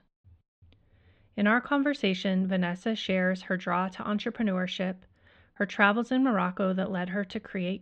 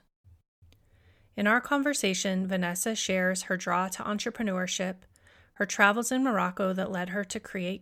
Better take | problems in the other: second | muffled; slightly; fading above 3.5 kHz

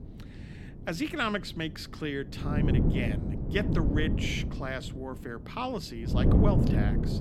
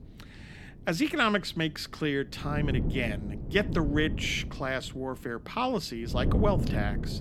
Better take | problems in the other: second | wind noise on the microphone; heavy; 2 dB below the speech; occasional gusts in the second

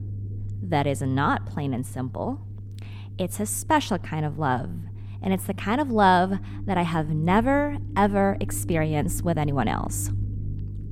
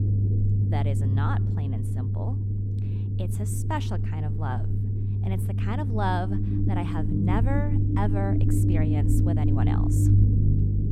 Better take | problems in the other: first | low rumble; loud; throughout; 2 dB below the speech; faint in the first

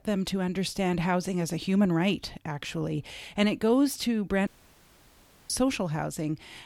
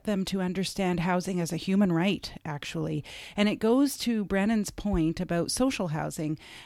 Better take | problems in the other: second | audio cutting out; at 4.5 s for 1 s

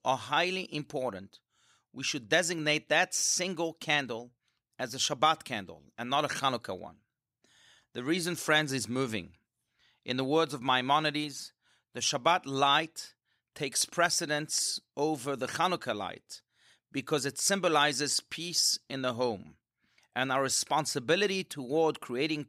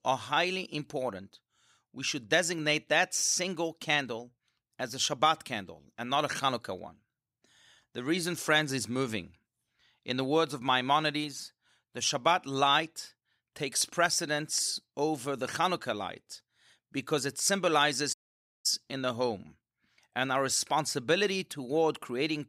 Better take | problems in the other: first | audio cutting out; at 18 s for 0.5 s

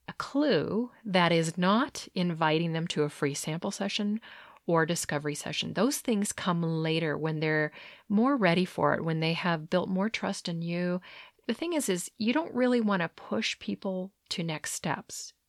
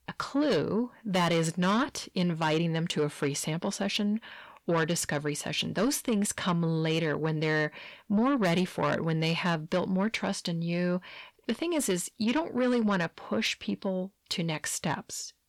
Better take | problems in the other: first | distortion; slight; 10 dB below the speech

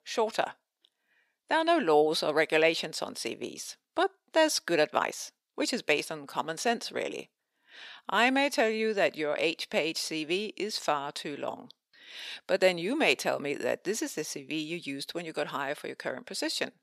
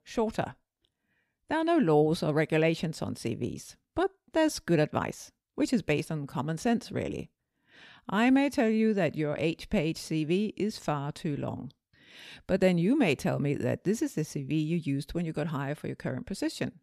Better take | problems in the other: second | thin; somewhat; fading below 500 Hz

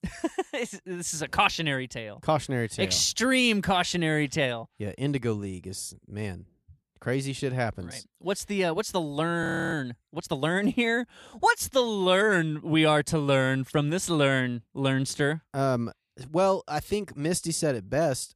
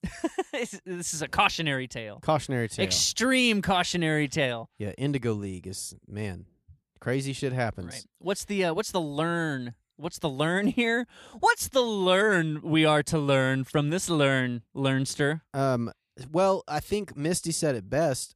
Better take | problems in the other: second | audio freezing; at 9.5 s

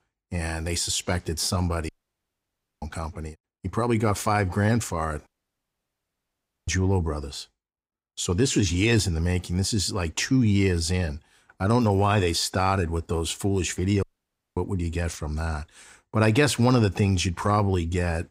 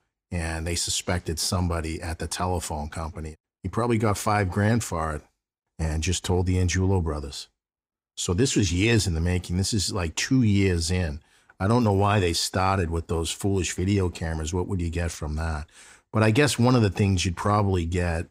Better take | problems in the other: second | audio cutting out; at 2 s for 1 s, at 5.5 s for 1.5 s and at 14 s for 0.5 s

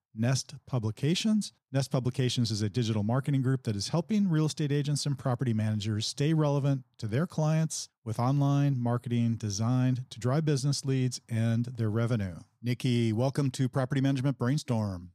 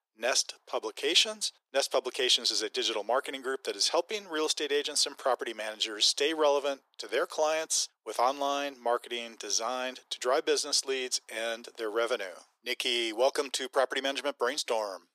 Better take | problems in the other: first | thin; very; fading below 400 Hz

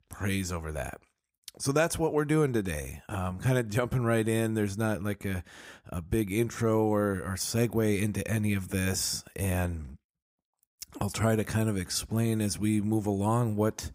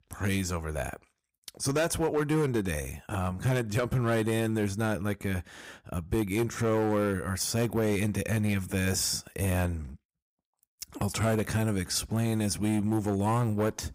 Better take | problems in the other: first | distortion; slight; 8% of the sound clipped

